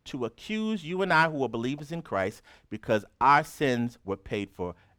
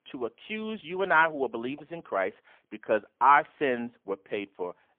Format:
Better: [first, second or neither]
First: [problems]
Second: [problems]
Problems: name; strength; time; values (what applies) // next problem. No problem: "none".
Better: first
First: none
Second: phone-call audio; poor line; nothing above 3.5 kHz